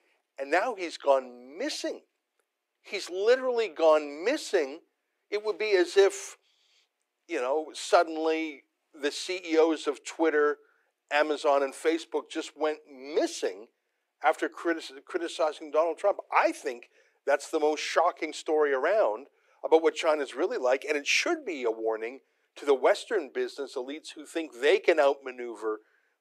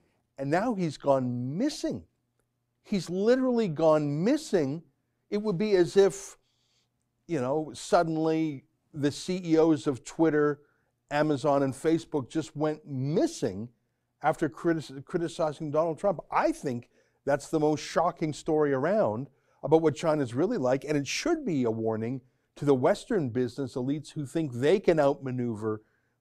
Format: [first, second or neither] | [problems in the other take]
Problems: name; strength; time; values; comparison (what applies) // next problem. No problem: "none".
second | thin; very; fading below 350 Hz